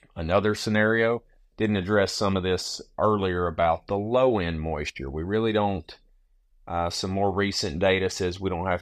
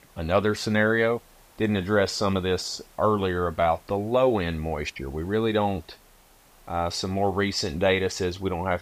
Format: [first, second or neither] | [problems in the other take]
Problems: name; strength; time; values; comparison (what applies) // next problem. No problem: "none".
first | hiss; faint; throughout; 30 dB below the speech